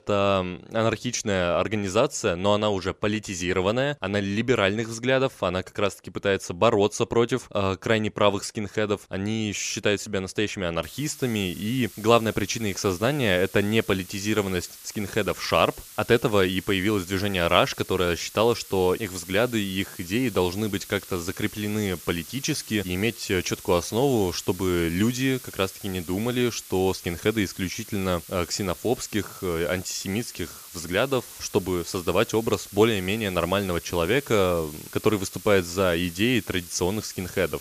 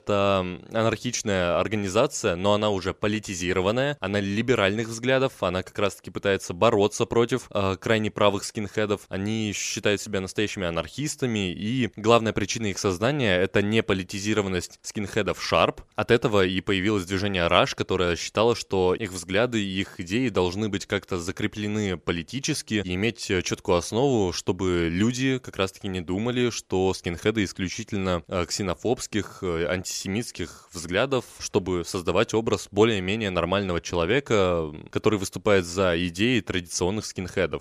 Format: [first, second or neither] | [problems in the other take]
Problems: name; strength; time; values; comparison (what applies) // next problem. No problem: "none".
second | hiss; noticeable; from 11 s on; 15 dB below the speech